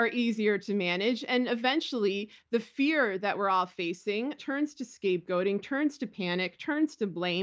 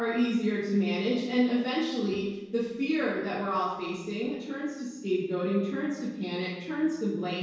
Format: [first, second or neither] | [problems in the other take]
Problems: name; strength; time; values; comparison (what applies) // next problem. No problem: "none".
first | noise reduction (neural separator model SepFormer DNS4)